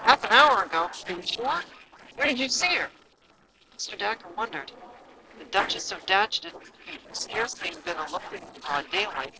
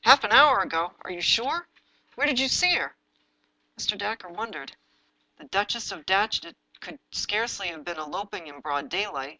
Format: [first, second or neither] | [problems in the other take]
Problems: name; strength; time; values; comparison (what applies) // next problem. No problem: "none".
second | noise reduction (neural separator model SepFormer DNS4)